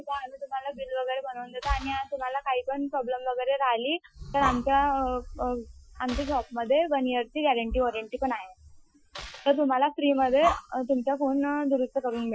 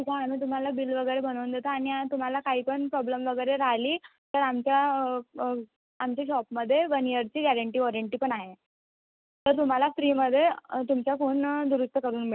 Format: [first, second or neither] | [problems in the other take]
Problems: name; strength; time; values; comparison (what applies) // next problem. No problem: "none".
second | noise reduction (classical method Wiener filter)